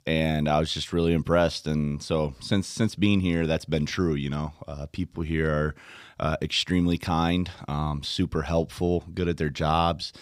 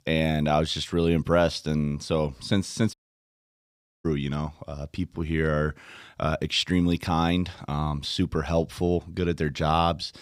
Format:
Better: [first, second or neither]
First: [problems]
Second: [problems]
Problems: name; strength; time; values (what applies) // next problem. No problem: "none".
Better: first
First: none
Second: audio cutting out; at 3 s for 1 s